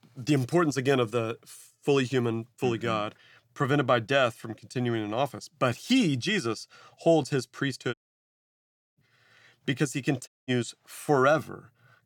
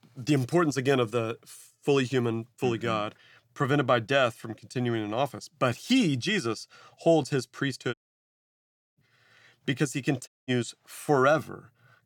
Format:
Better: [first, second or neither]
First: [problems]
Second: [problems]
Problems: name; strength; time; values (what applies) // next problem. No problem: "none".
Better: neither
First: audio cutting out; at 8 s for 1 s and at 10 s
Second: audio cutting out; at 8 s for 1 s and at 10 s